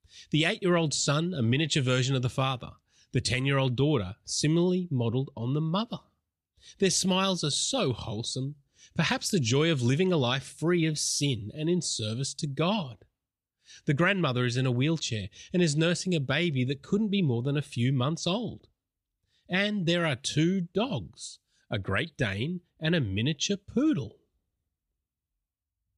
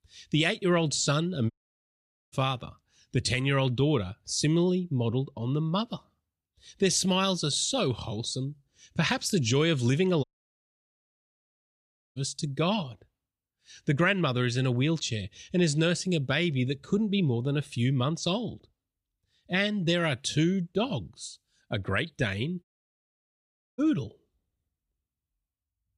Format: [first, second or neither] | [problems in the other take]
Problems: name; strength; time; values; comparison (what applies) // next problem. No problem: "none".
first | audio cutting out; at 1.5 s for 1 s, at 10 s for 2 s and at 23 s for 1 s